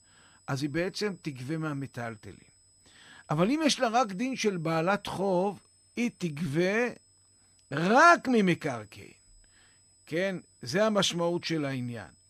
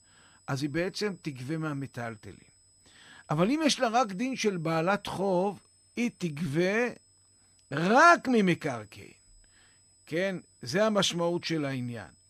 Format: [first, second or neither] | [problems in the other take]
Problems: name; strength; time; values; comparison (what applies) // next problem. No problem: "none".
neither | high-pitched whine; faint; throughout; 8 kHz, 30 dB below the speech; the same in both